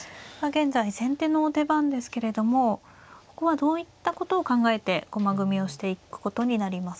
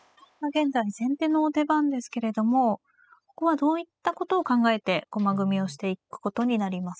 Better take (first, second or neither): first